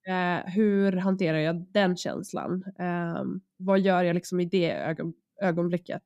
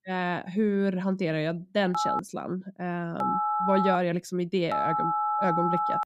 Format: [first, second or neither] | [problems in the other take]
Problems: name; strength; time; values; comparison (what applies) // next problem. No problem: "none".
first | phone ringing; loud; from 2 s on; peak 3 dB above the speech